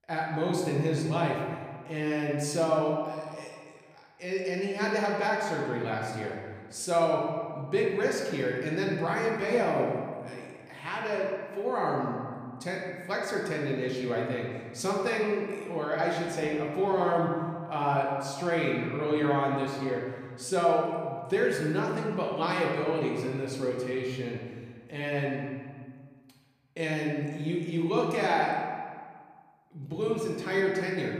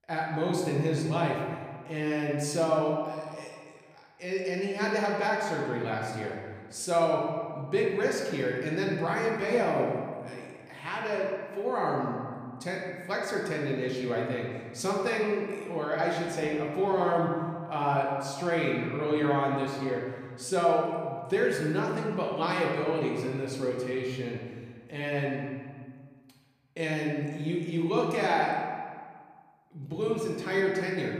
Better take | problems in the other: neither | room echo; noticeable; dies away in 1.6 s; the same in both // off-mic speech; far; the same in both

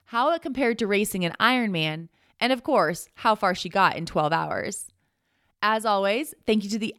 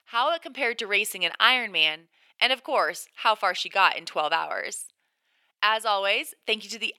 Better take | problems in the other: first | thin; very; fading below 600 Hz

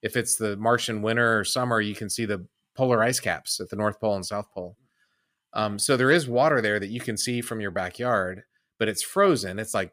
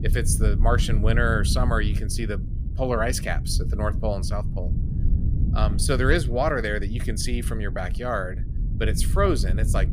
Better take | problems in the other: first | low rumble; noticeable; throughout; 15 dB below the speech

